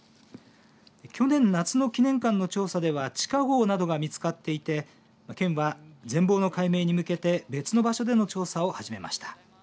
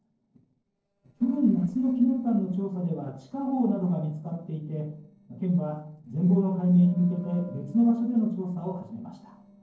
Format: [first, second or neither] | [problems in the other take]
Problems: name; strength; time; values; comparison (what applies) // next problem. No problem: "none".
first | noise reduction (neural separator model SepFormer DNS4)